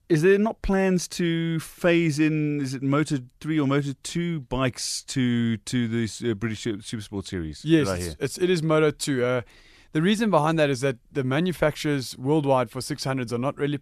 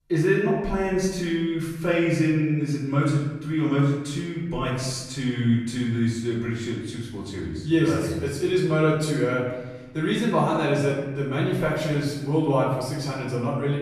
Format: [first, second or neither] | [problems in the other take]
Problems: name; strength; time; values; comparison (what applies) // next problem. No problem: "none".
first | off-mic speech; far // room echo; noticeable; dies away in 1.1 s